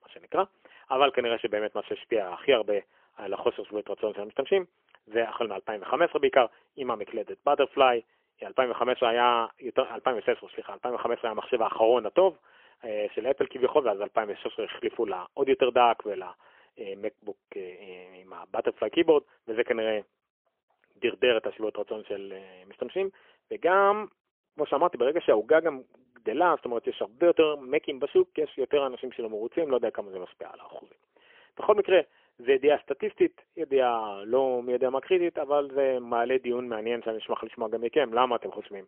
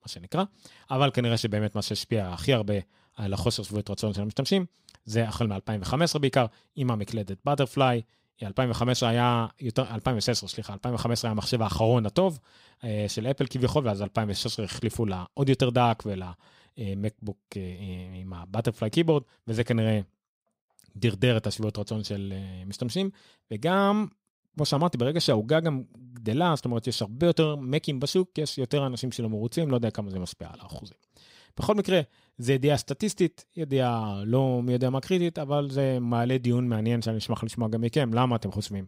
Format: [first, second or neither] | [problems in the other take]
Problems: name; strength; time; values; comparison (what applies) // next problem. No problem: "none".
second | phone-call audio; poor line; nothing above 3 kHz